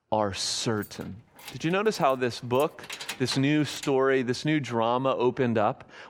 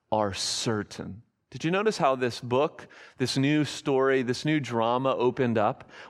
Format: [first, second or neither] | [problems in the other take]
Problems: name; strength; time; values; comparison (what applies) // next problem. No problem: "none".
second | jangling keys; noticeable; from 1 to 4 s; peak 9 dB below the speech